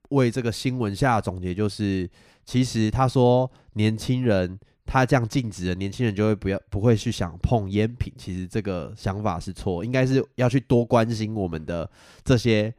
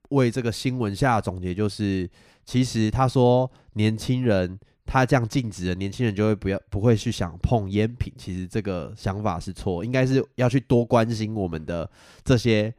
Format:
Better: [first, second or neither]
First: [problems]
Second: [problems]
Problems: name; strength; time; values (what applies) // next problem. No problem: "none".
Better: neither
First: none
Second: none